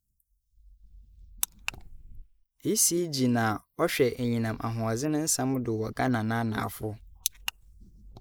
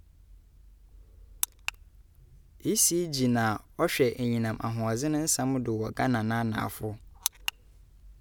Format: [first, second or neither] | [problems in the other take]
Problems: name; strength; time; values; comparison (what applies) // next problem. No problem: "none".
second | noise reduction (neural mask model Resemble Enhance denoiser)